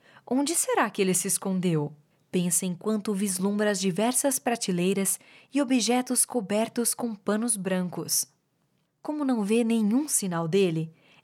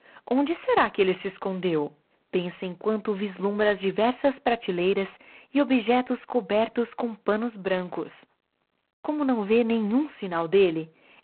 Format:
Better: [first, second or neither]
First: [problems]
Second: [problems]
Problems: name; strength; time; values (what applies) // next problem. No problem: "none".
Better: first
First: none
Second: phone-call audio; poor line